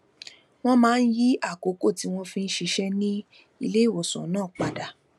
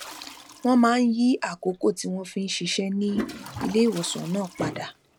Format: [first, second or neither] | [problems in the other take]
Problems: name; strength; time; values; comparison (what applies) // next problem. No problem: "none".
first | background sound (Toilet flush); 15 dB below the speech